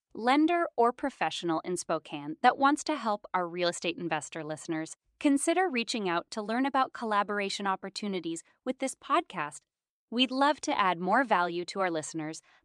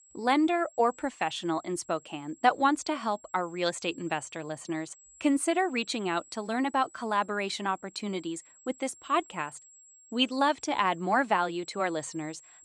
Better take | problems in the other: first | high-pitched whine; faint; throughout; 7.5 kHz, 25 dB below the speech

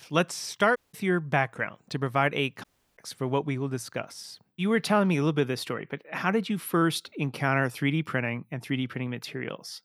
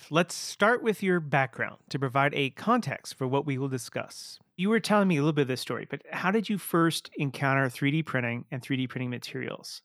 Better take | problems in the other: second | audio cutting out; at 1 s and at 2.5 s

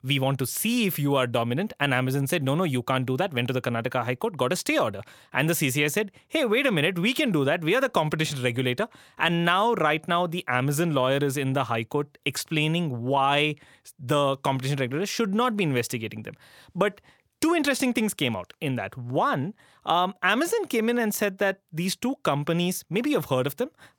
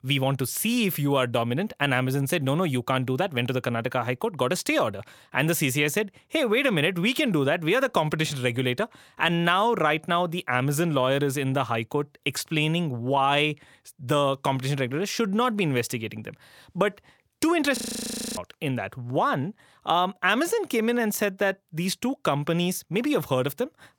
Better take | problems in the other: first | audio freezing; at 18 s for 0.5 s

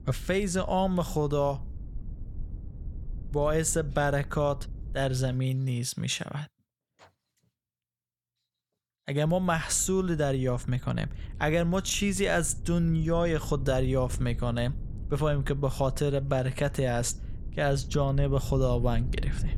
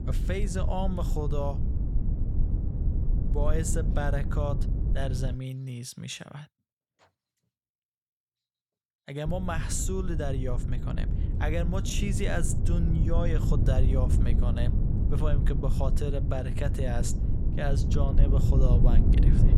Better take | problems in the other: first | low rumble; loud; until 5.5 s and from 9.5 s on; 6 dB below the speech; faint in the first

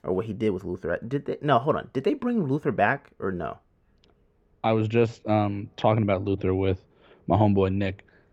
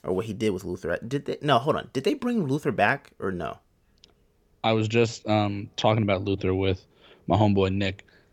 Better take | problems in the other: second | muffled; slightly; fading above 3 kHz

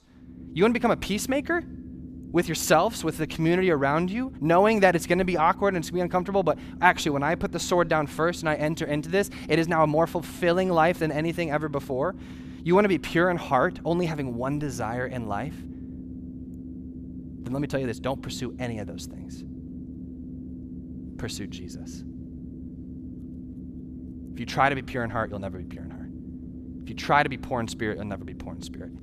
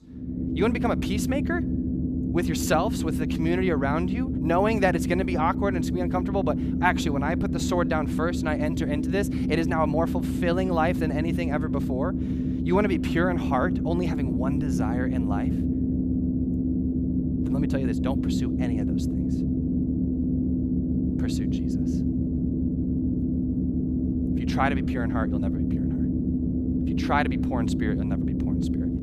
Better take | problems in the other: first | low rumble; loud; throughout; 4 dB below the speech; faint in the first

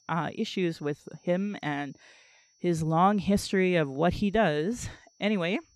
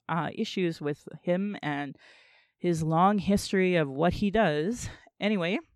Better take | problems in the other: second | high-pitched whine; faint; throughout; 6 kHz, 35 dB below the speech

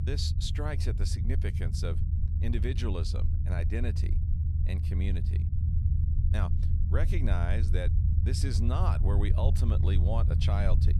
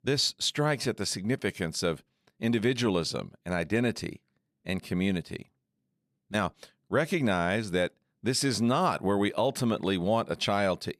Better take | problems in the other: second | low rumble; loud; throughout; 5 dB below the speech

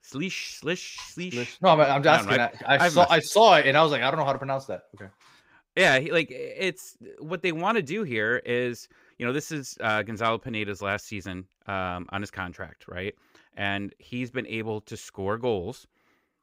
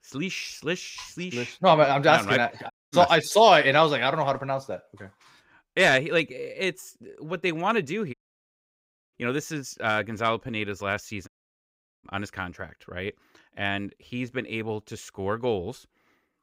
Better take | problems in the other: first | audio cutting out; at 2.5 s, at 8 s for 1 s and at 11 s for 1 s

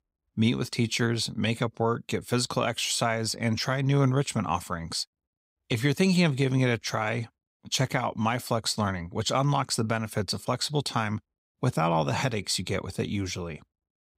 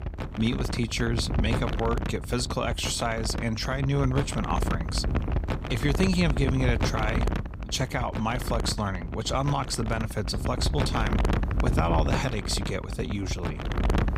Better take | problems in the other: first | wind noise on the microphone; heavy; 5 dB below the speech

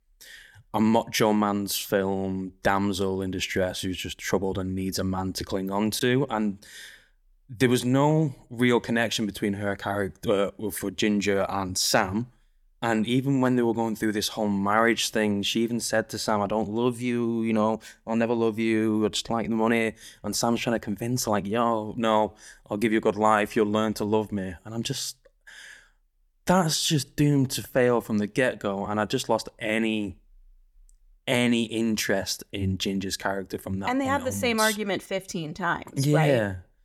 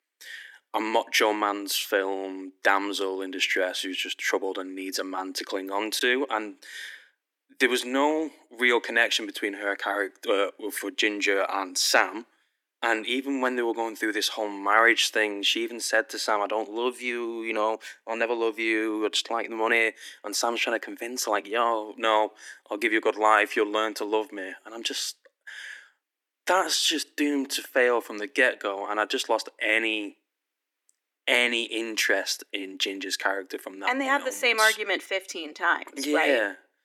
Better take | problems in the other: first | thin; somewhat; fading below 300 Hz

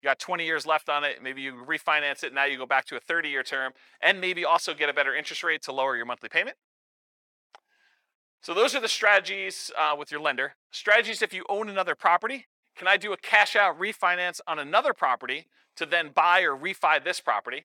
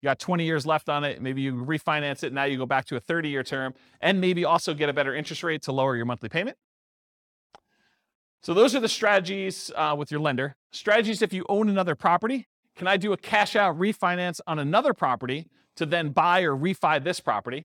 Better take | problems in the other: second | thin; very; fading below 550 Hz

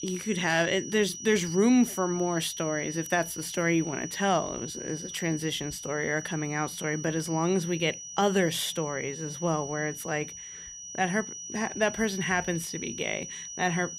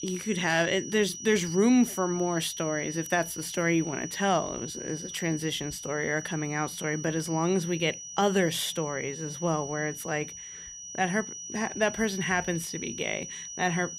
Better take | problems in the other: neither | high-pitched whine; loud; throughout; 6 kHz, 9 dB below the speech; the same in both

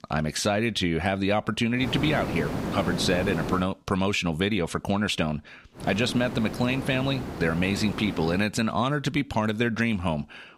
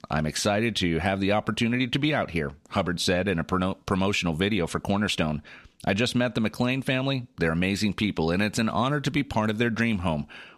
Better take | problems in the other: second | hiss; loud; from 2 to 3.5 s and from 6 to 8.5 s; 7 dB below the speech

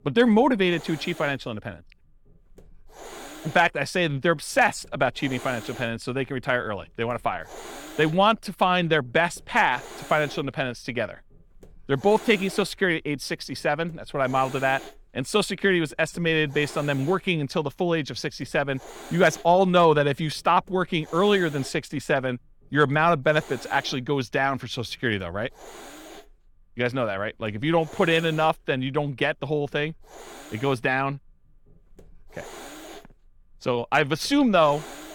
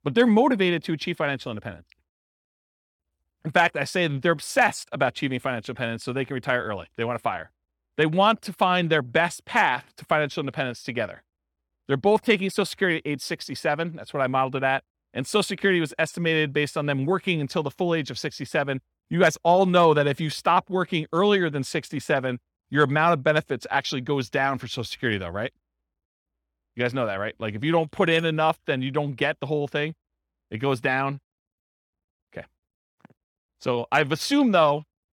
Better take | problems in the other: second | hiss; noticeable; throughout; 20 dB below the speech

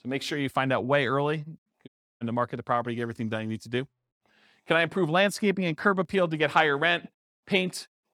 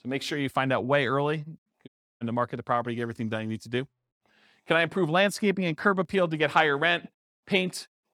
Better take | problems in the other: neither | audio cutting out; at 2 s; the same in both

